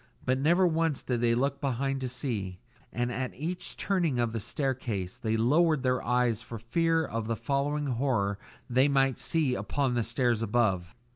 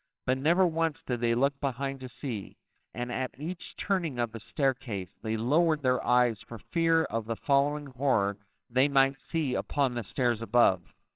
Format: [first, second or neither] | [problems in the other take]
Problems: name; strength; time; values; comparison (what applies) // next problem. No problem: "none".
first | noise reduction (neural separator model SepFormer WHAMR!)